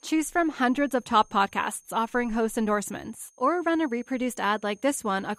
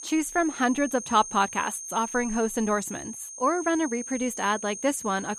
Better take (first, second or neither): first